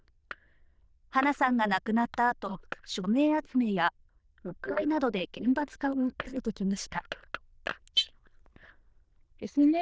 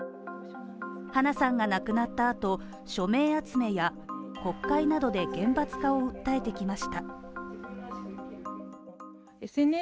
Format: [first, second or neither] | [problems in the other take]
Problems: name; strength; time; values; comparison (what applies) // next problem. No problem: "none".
second | noise reduction (neural diffusion model UNIVERSE++)